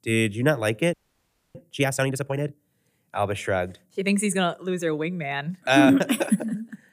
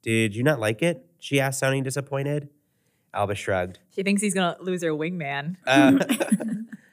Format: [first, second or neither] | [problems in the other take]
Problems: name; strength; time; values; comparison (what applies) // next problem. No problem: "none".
second | audio freezing; at 1 s for 0.5 s